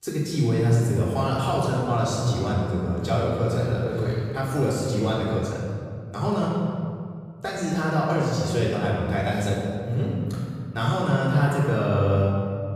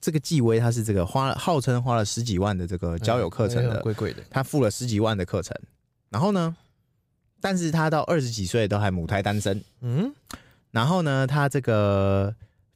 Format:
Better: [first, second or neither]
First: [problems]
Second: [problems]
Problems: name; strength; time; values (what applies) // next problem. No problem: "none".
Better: second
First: off-mic speech; far // room echo; noticeable; dies away in 2.1 s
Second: none